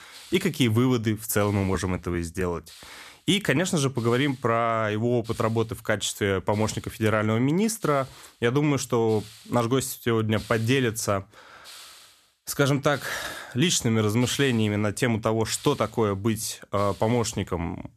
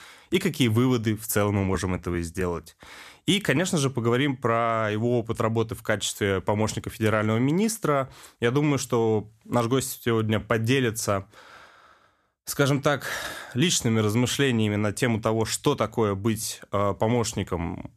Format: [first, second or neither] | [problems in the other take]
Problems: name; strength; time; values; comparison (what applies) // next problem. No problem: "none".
second | hiss; faint; throughout; 20 dB below the speech